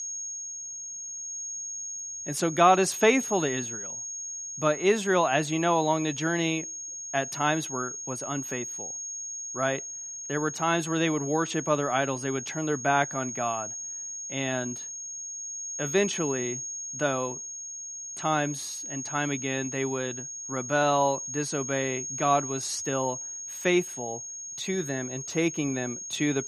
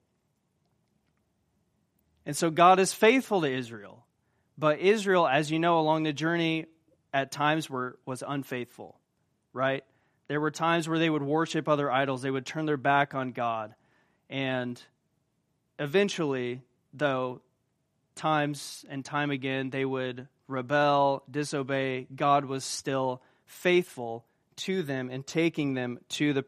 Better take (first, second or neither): second